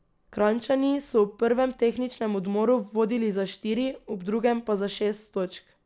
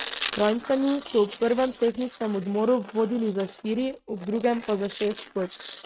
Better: first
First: none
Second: noise reduction (neural mask model RNNoise)

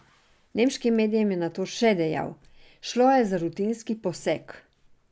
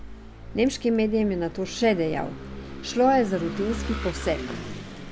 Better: first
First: none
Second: background sound (Engine / Vehicle); 10 dB below the speech

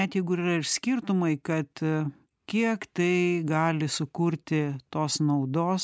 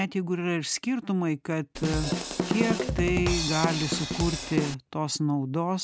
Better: first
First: none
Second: background sound (Drum kit); 1 dB below the speech

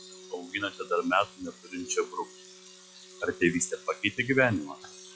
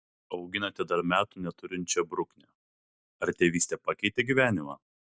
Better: second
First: noise reduction (classical method log-MMSE)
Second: none

